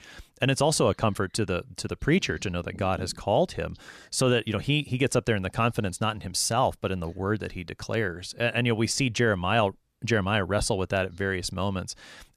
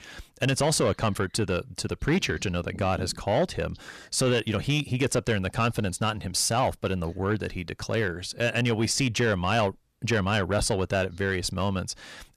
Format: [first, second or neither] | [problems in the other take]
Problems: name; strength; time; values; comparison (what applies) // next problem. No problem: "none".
first | distortion; slight; 10 dB below the speech